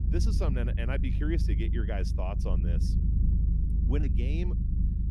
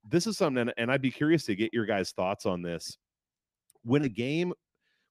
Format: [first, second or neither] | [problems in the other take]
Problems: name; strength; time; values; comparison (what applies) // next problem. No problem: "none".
second | low rumble; loud; throughout; 5 dB below the speech